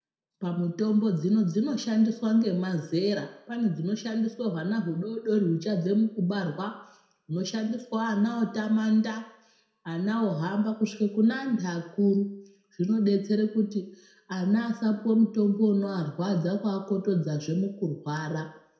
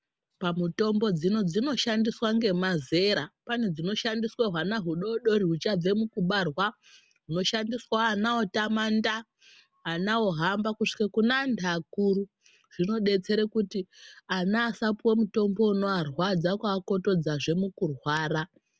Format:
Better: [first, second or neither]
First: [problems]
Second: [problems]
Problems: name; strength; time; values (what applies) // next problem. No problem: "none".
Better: second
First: room echo; dies away in 0.6 s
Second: none